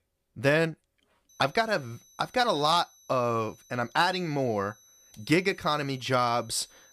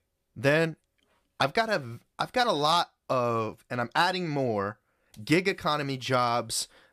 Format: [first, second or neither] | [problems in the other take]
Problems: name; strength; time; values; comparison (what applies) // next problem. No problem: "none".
second | high-pitched whine; faint; from 1.5 s on; 6 kHz, 30 dB below the speech